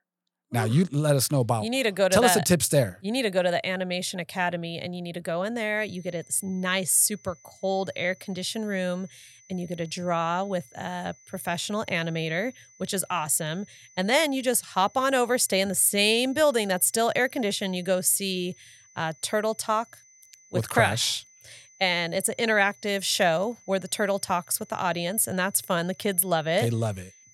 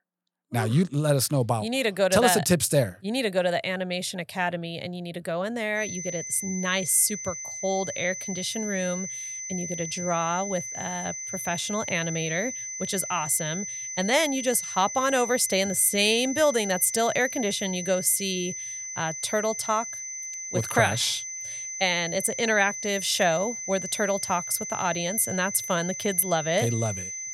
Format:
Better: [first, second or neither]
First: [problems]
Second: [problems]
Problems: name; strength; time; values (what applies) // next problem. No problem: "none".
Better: first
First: high-pitched whine; faint; from 6 s on; 6 kHz, 30 dB below the speech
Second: high-pitched whine; loud; from 6 s on; 6 kHz, 7 dB below the speech